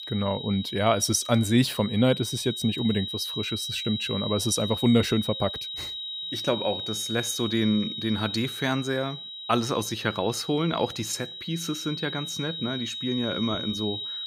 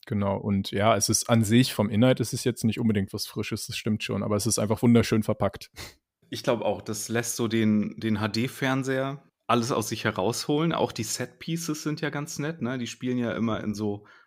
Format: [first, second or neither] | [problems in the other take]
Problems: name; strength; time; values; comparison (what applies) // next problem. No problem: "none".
second | high-pitched whine; loud; throughout; 4 kHz, 6 dB below the speech